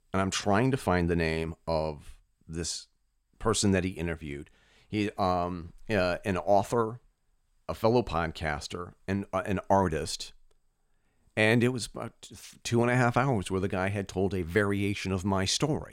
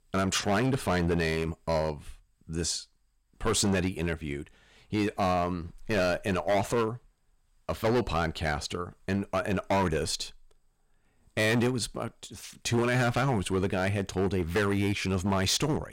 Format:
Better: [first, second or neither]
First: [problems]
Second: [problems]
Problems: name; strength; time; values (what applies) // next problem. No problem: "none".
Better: first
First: none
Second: distortion; heavy; 9% of the sound clipped